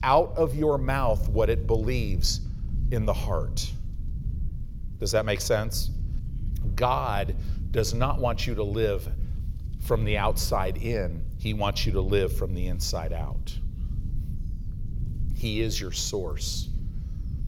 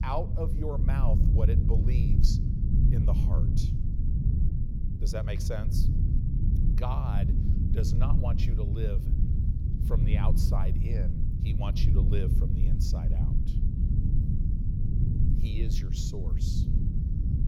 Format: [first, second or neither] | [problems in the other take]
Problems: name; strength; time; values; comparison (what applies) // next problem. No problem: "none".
first | low rumble; loud; throughout; 1 dB below the speech; faint in the first